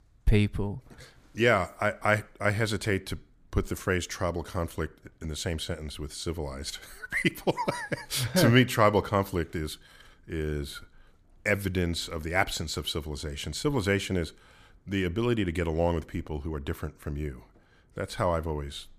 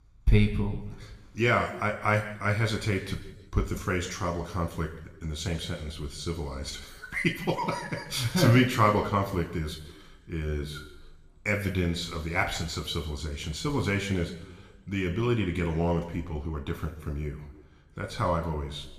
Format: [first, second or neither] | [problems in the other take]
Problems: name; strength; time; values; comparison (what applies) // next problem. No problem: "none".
first | room echo; slight; dies away in 1 s // off-mic speech; somewhat distant